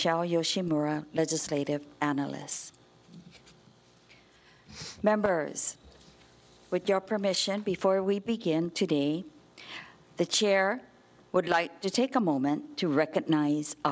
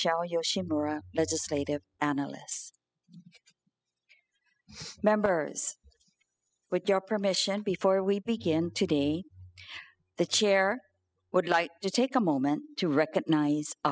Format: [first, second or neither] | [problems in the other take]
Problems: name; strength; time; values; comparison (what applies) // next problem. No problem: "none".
first | noise reduction (classical method spectral subtraction)